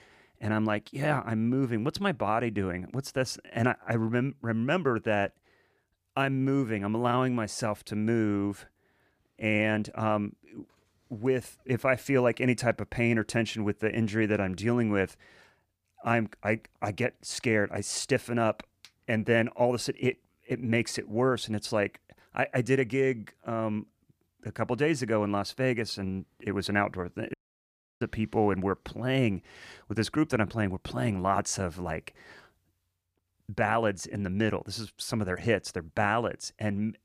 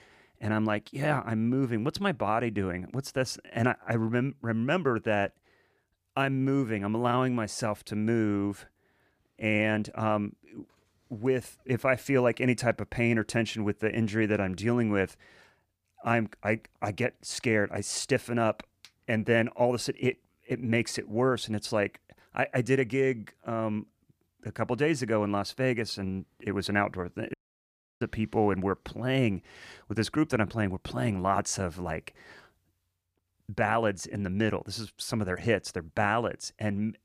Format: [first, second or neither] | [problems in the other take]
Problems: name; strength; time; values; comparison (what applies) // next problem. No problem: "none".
neither | audio cutting out; at 27 s for 0.5 s; the same in both